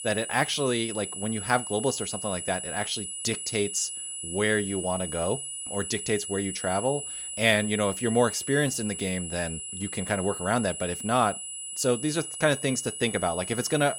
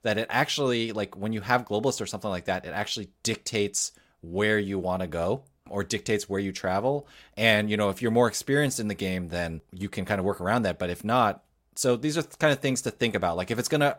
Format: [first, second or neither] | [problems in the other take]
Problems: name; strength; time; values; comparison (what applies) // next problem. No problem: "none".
second | high-pitched whine; loud; throughout; 10 kHz, 6 dB below the speech